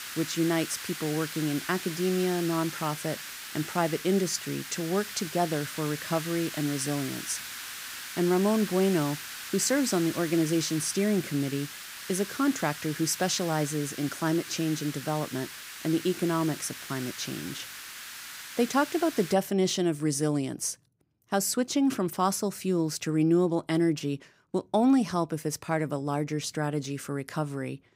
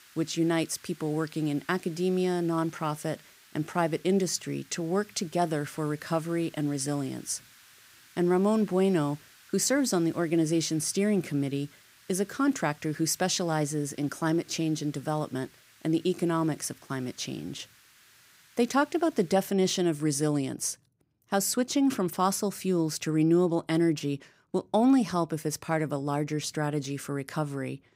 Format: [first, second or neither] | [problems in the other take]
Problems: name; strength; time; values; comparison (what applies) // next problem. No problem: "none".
second | hiss; loud; until 19 s; 9 dB below the speech; faint in the second